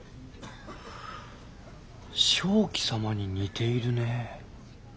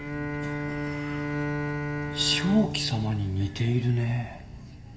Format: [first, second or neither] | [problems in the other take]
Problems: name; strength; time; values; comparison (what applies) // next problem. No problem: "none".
first | background sound (Bowed string instrument); 4 dB below the speech // room echo; dies away in 1.4 s